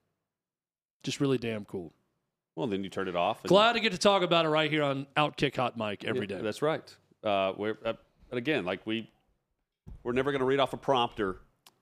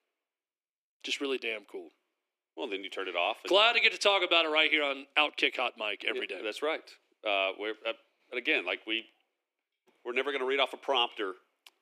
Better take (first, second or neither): first